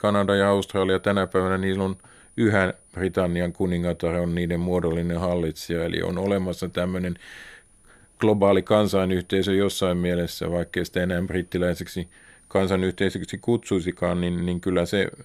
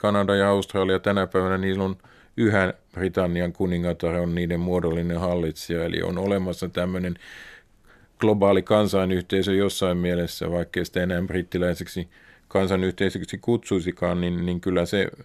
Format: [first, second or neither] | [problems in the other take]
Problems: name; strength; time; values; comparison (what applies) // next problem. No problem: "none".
second | high-pitched whine; faint; throughout; 9.5 kHz, 30 dB below the speech